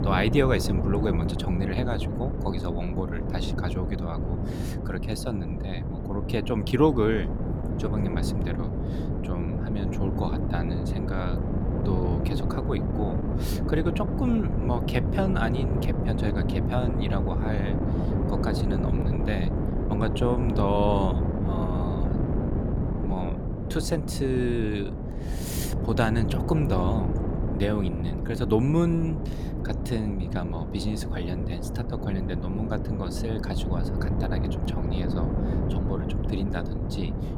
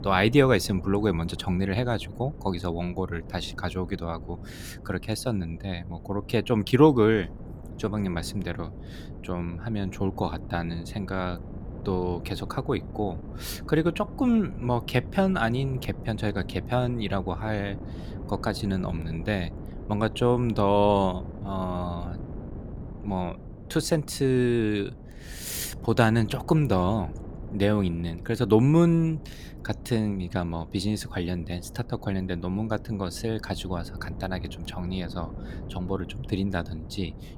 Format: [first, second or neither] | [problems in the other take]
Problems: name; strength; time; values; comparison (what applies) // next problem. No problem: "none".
second | wind noise on the microphone; heavy; 4 dB below the speech; occasional gusts in the second